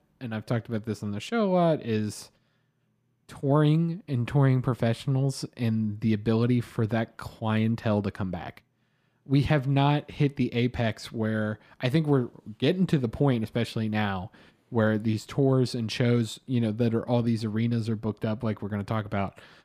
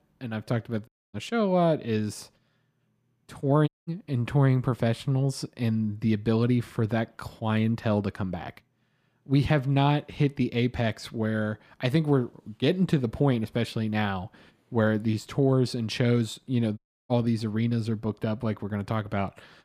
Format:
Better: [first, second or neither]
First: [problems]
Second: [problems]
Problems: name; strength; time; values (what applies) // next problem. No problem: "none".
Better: first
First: none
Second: audio cutting out; at 1 s, at 3.5 s and at 17 s